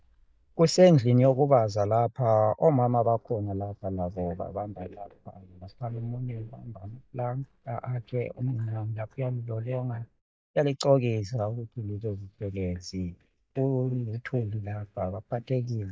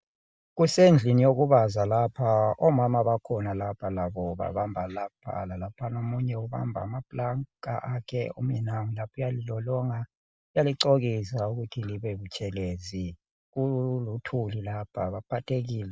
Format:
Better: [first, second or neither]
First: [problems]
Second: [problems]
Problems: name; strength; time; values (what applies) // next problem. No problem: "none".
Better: second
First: noise reduction (neural mask model DeepFilterNet 3)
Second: none